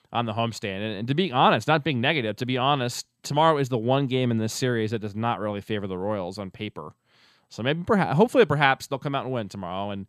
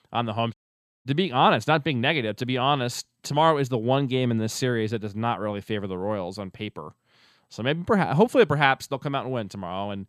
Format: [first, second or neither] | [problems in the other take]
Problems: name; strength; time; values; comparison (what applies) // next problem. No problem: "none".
first | audio cutting out; at 0.5 s for 0.5 s